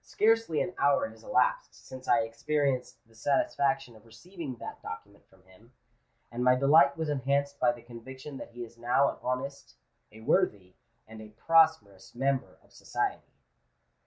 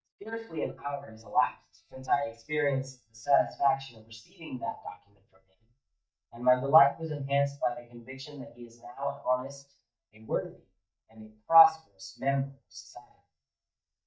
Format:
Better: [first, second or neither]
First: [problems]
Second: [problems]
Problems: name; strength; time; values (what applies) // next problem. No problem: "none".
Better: first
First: none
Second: noise reduction (neural mask model DeepFilterNet 3)